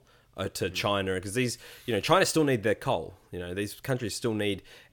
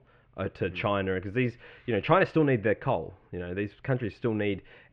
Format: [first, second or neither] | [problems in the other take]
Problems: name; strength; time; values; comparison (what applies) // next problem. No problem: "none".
first | muffled; very; fading above 2.5 kHz